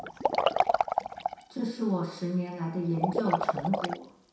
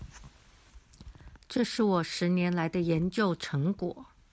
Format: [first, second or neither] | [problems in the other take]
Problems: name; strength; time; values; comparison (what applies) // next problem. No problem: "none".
second | background sound (Liquid); 2 dB above the speech // room echo; dies away in 0.7 s